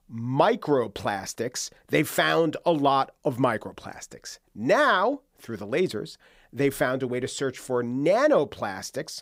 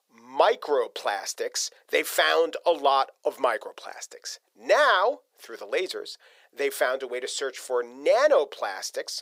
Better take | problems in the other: first | thin; very; fading below 450 Hz

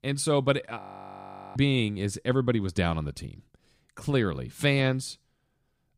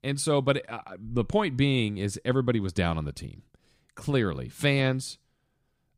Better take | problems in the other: second | audio freezing; at 1 s for 1 s

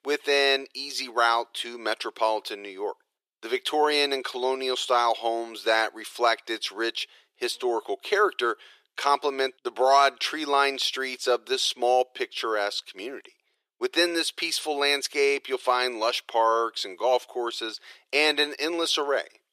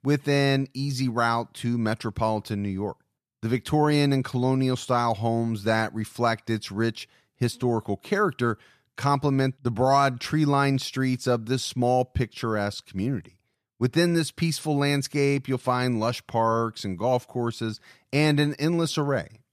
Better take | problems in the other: second | thin; very; fading below 350 Hz

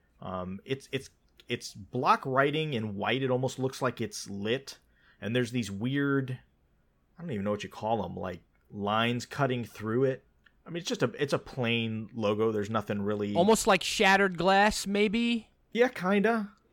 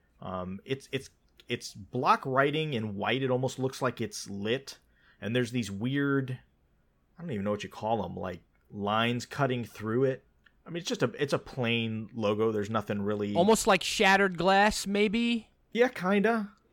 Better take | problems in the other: neither | none

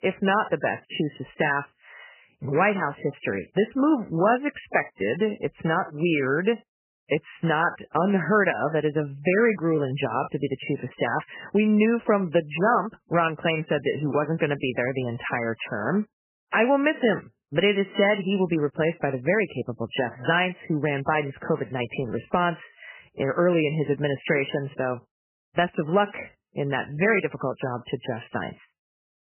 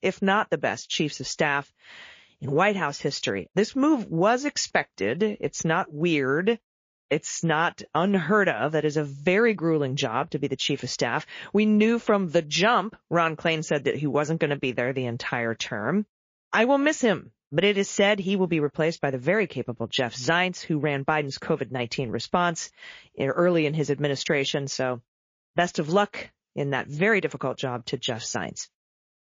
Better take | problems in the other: second | garbled, watery; badly; nothing above 3 kHz; slightly in the second

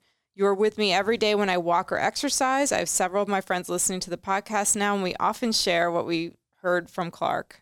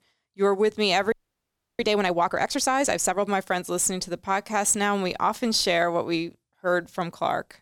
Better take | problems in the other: first | audio freezing; at 1 s for 0.5 s

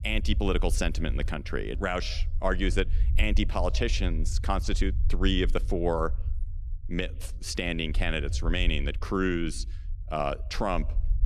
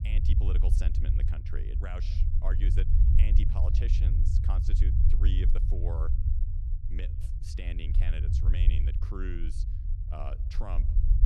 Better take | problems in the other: first | low rumble; loud; throughout; 2 dB below the speech; faint in the first

